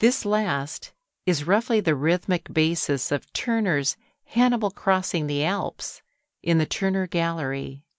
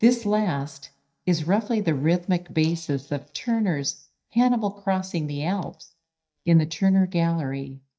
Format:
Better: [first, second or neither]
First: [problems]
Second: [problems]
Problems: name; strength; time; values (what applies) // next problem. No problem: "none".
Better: first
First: none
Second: noise reduction (neural mask model DeepFilterNet 3)